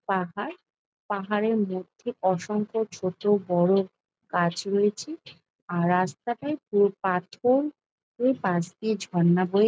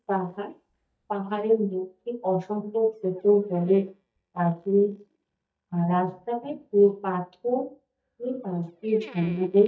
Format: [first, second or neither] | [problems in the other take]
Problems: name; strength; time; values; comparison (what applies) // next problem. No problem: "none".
first | noise reduction (neural mask model DeepFilterNet 3)